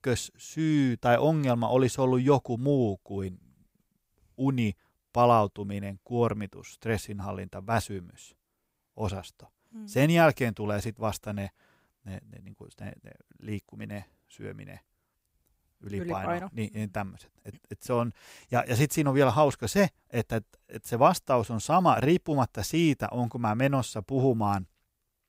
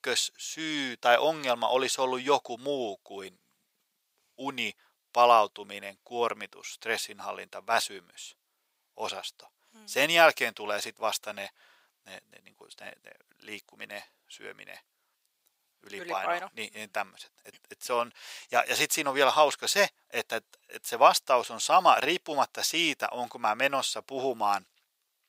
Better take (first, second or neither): first